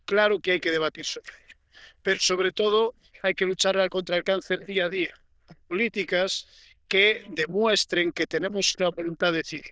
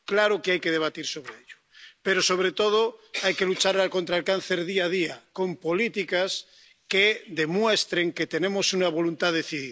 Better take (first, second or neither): second